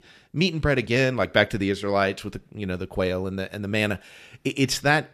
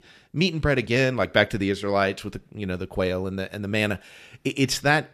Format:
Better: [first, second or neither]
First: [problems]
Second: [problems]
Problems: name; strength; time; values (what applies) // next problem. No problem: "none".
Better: neither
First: none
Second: none